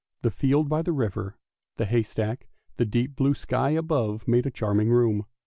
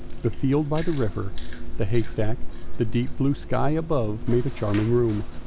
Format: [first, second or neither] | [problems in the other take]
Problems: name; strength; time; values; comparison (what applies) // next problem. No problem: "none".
first | background sound (Chewing, mastication); 1 dB above the speech